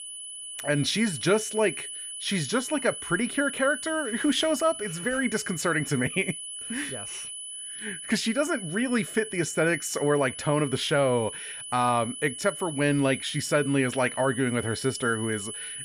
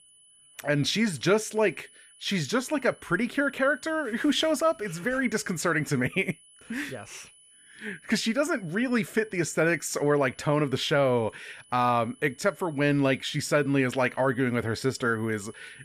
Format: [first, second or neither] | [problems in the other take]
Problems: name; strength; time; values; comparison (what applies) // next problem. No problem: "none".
second | high-pitched whine; loud; throughout; 10 kHz, 9 dB below the speech; faint in the second